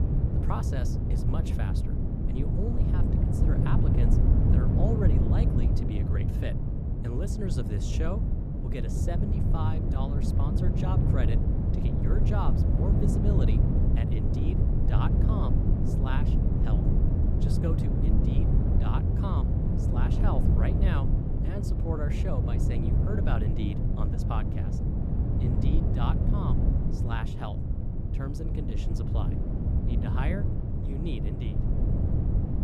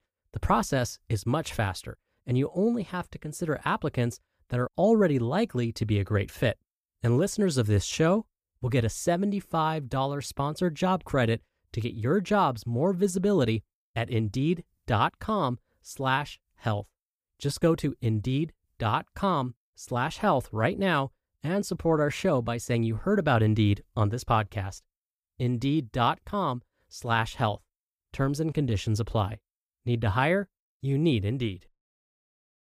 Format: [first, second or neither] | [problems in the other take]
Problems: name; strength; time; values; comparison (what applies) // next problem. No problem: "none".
second | wind noise on the microphone; heavy; 1 dB above the speech